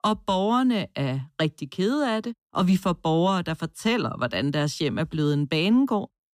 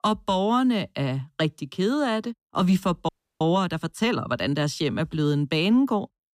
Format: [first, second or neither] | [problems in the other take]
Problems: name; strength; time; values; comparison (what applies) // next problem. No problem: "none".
first | audio freezing; at 3 s